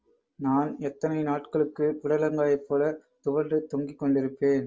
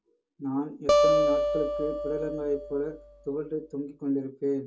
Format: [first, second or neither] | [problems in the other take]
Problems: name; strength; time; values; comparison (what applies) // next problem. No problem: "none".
first | background sound (Acoustic guitar); 4 dB above the speech // room echo; dies away in 0.2 s